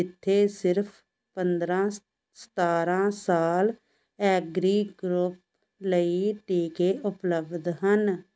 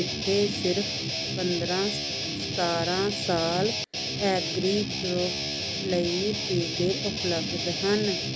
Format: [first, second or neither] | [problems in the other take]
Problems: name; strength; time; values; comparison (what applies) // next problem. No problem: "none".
first | background sound (Guitar); 1 dB below the speech